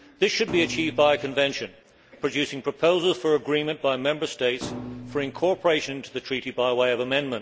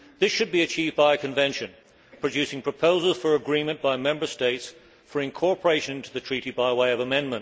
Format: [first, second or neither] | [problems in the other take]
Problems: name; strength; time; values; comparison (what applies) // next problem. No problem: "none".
second | background sound (Thump, thud); 13 dB below the speech